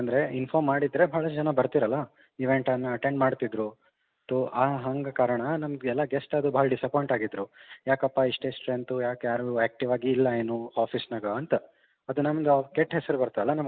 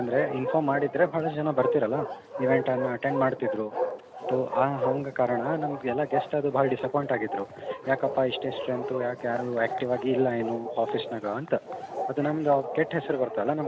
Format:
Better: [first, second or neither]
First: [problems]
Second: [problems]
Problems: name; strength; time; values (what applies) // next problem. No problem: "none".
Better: first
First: none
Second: background sound (Bark); 6 dB below the speech